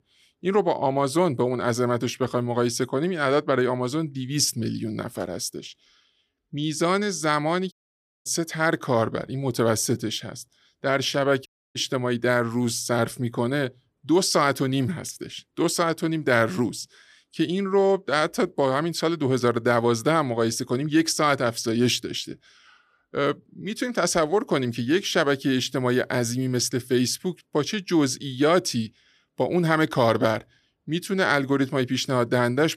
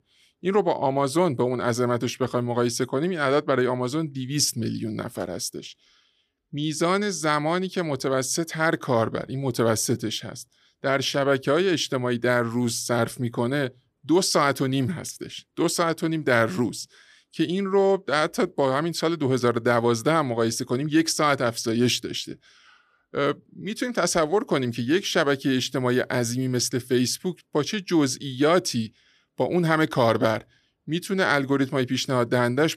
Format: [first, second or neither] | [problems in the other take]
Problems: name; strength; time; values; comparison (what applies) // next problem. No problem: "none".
second | audio cutting out; at 7.5 s for 0.5 s and at 11 s